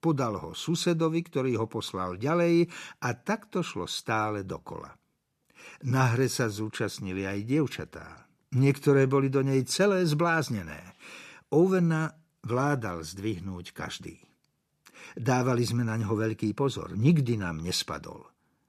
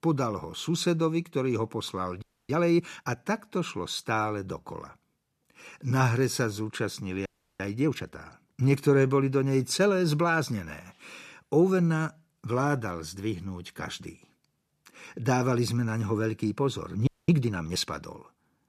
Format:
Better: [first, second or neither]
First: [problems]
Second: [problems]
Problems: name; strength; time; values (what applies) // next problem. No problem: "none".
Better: first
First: none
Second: audio freezing; at 2 s, at 7.5 s and at 17 s